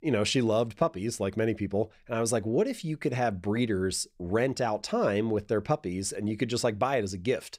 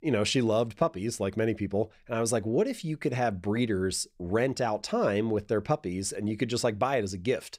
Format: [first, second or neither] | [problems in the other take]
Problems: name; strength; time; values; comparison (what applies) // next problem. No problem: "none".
neither | none